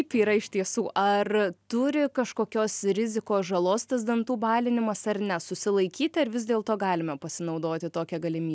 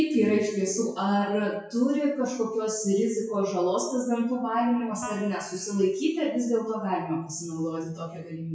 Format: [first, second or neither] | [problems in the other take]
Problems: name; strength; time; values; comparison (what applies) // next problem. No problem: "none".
first | noise reduction (classical method WPE with log-MMSE)